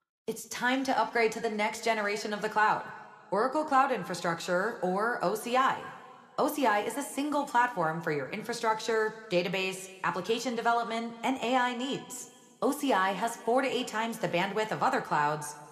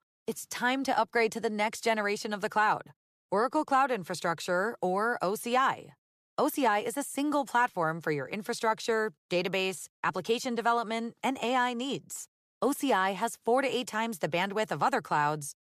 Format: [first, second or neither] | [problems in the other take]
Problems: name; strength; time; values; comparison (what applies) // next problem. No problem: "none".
second | room echo; very slight; dies away in 1.6 s